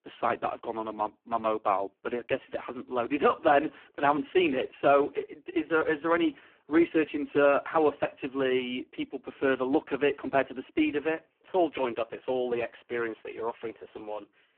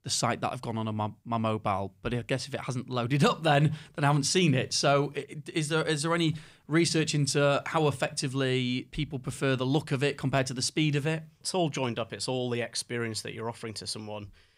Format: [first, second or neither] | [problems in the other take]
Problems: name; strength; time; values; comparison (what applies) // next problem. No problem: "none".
second | phone-call audio; poor line